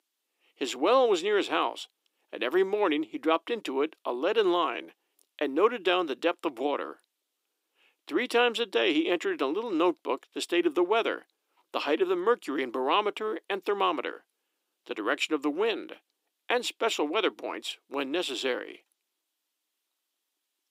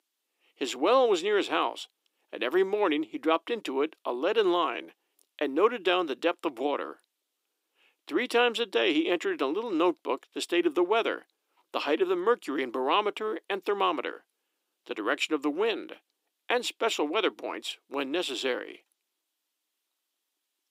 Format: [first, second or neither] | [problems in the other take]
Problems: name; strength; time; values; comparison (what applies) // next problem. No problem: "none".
neither | thin; somewhat; fading below 300 Hz; the same in both